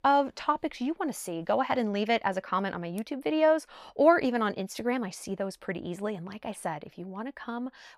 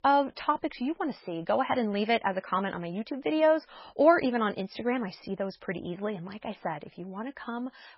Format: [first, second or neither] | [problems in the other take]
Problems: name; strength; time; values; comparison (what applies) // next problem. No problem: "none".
first | garbled, watery; badly; nothing above 5.5 kHz